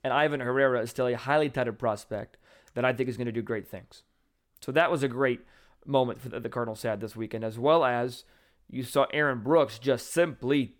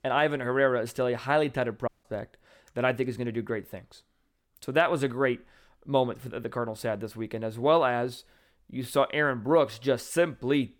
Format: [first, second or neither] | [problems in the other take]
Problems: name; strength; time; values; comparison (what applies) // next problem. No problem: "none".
first | audio cutting out; at 2 s